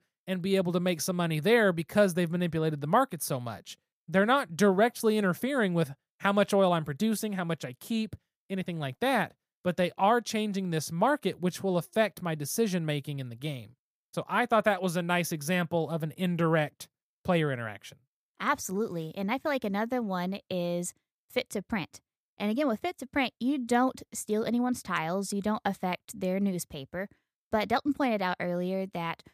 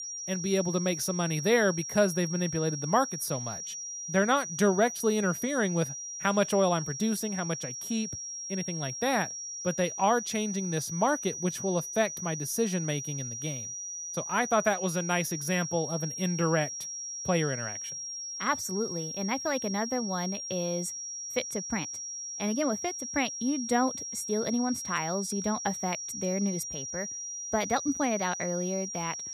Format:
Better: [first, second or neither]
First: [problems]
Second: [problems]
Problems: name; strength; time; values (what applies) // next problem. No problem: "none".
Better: first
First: none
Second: high-pitched whine; loud; throughout; 5.5 kHz, 5 dB below the speech